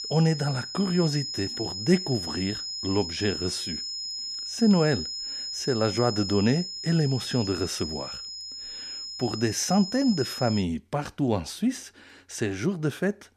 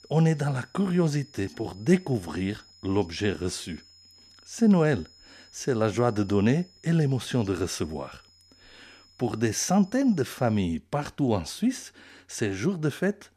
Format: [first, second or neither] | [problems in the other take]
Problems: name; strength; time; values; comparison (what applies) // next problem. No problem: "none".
second | high-pitched whine; loud; until 11 s; 5 kHz, 6 dB below the speech; faint in the second